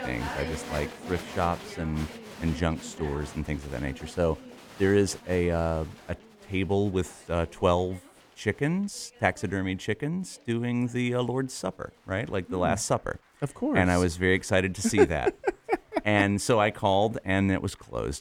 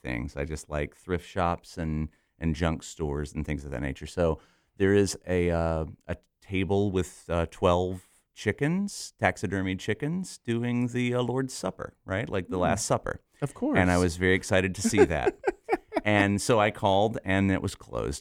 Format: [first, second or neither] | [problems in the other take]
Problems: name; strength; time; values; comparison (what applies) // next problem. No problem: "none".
second | crowd noise; noticeable; throughout; 15 dB below the speech